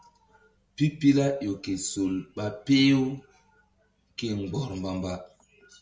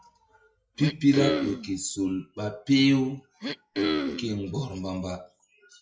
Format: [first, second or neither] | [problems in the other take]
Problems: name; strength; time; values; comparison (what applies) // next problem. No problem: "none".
first | noise reduction (classical method log-MMSE)